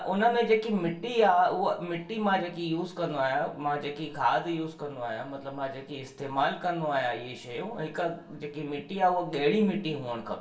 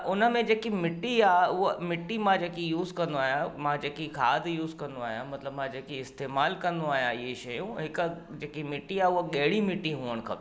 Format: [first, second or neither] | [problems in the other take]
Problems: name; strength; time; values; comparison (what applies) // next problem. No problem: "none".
second | room echo; dies away in 0.3 s